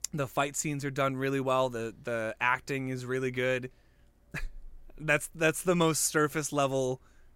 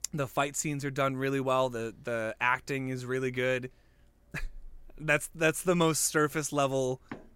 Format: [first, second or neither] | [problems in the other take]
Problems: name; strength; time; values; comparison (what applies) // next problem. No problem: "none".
first | door banging; faint; at 7 s; peak 20 dB below the speech